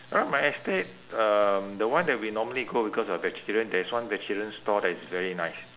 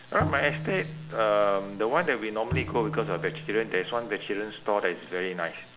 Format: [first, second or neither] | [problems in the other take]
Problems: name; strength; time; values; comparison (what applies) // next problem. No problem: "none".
first | background sound (Bowed string instrument); 9 dB below the speech